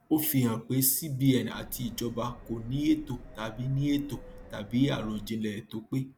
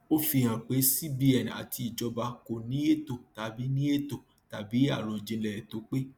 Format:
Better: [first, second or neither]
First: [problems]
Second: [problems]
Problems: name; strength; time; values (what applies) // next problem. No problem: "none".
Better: second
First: background sound (Subway, metro, underground); 16 dB below the speech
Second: none